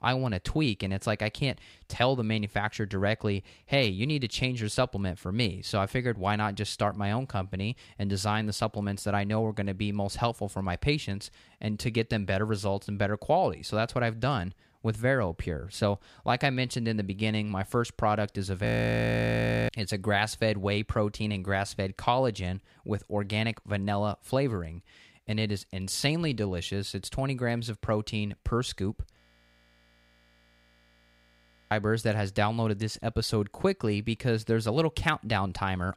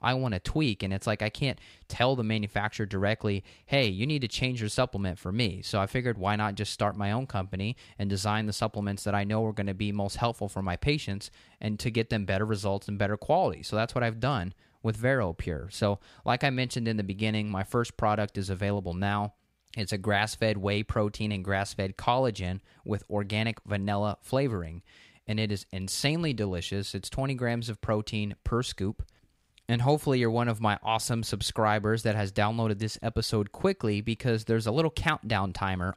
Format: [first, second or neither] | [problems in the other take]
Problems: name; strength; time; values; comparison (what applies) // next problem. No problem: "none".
second | audio freezing; at 19 s for 1 s and at 29 s for 2.5 s